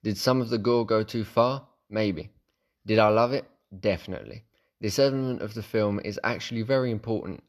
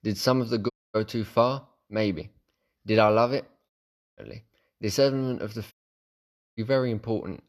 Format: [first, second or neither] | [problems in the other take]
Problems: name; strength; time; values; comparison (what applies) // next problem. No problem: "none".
first | audio cutting out; at 0.5 s, at 3.5 s and at 5.5 s for 1 s